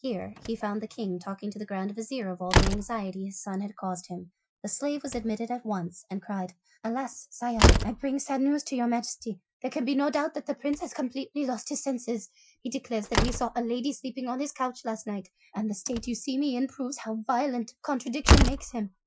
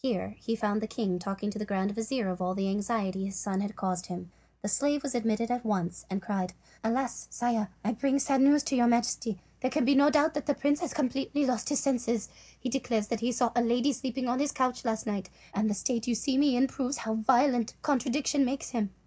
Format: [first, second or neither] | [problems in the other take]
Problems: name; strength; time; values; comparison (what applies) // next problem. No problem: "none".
second | noise reduction (classical method Wiener filter)